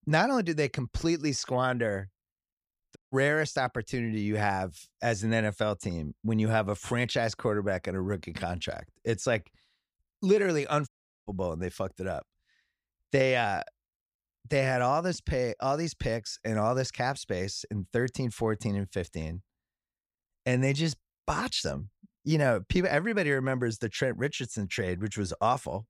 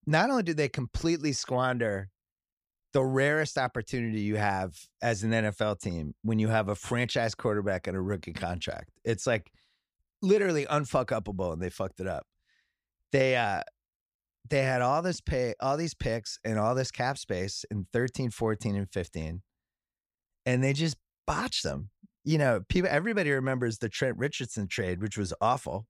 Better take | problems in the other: second | audio cutting out; at 3 s and at 11 s

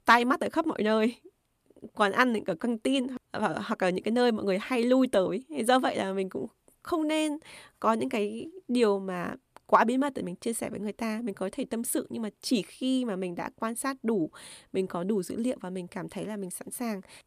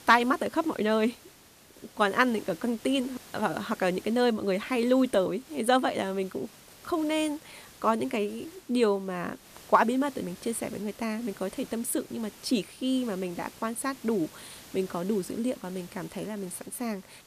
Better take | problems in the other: first | hiss; faint; throughout; 20 dB below the speech

